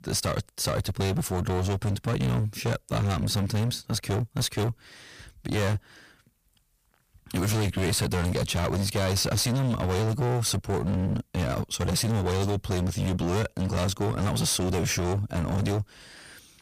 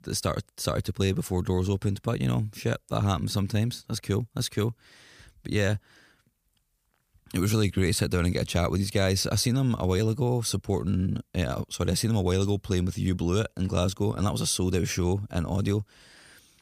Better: second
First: distortion; heavy; 24% of the sound clipped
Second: none

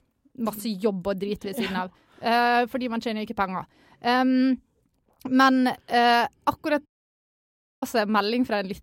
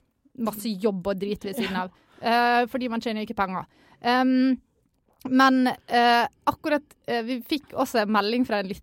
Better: second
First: audio cutting out; at 7 s for 1 s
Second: none

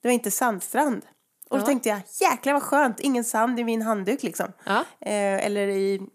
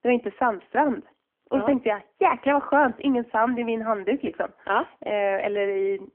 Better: first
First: none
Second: phone-call audio; poor line; nothing above 3 kHz

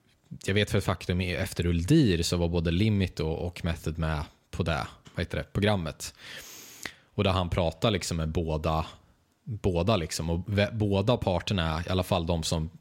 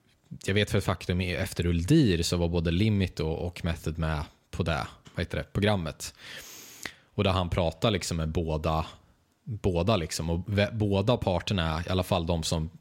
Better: neither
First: none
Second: none

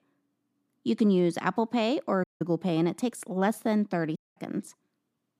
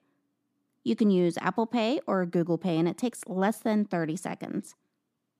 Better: second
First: audio cutting out; at 2 s and at 4 s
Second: none

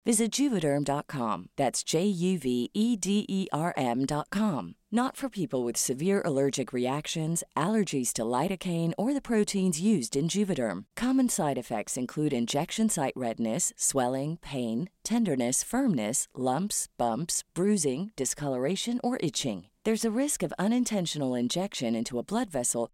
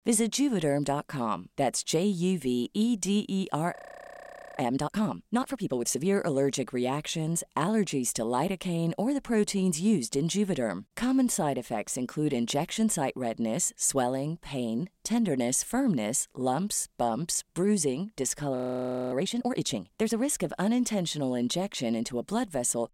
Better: first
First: none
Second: audio freezing; at 4 s for 1 s and at 19 s for 0.5 s

